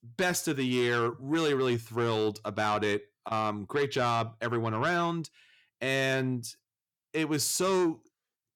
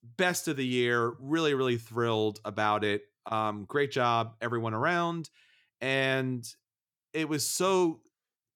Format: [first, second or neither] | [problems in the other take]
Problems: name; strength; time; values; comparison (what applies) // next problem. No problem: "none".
second | distortion; slight; 10 dB below the speech